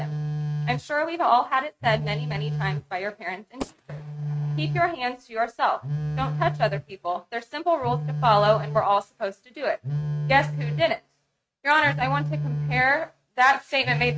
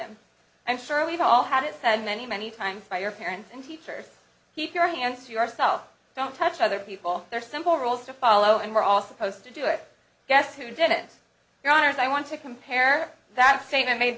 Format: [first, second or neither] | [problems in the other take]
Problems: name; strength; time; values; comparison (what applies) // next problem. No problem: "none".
second | noise reduction (neural mask model RNNoise)